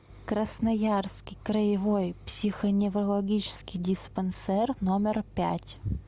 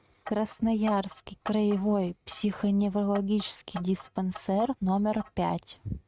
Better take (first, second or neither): first